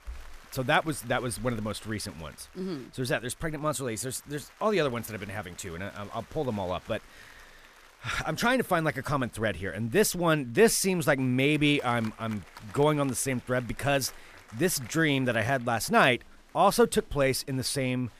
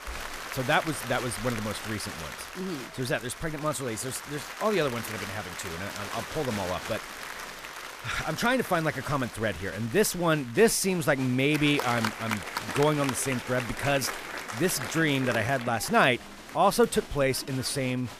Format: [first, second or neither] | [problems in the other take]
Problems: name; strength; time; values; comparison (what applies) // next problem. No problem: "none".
first | crowd noise; loud; throughout; 9 dB below the speech; faint in the first